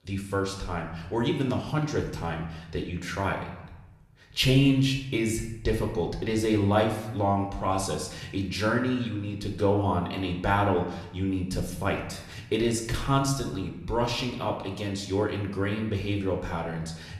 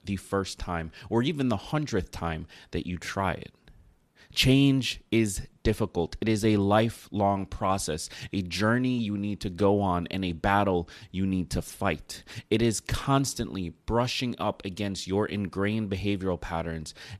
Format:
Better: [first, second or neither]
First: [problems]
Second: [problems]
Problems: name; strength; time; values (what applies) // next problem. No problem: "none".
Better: second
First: room echo; slight; dies away in 0.8 s // off-mic speech; somewhat distant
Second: none